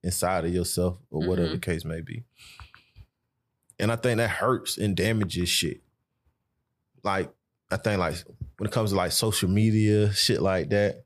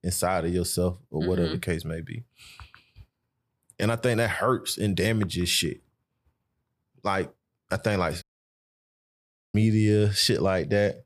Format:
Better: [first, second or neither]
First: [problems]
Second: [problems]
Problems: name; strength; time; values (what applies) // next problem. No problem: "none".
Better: first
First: none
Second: audio cutting out; at 8 s for 1.5 s